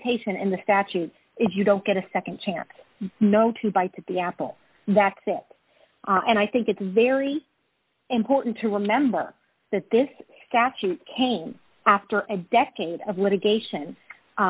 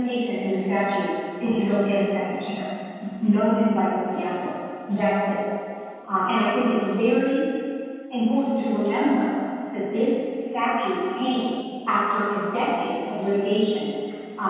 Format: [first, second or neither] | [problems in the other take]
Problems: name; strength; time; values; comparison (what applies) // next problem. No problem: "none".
first | room echo; dies away in 2.1 s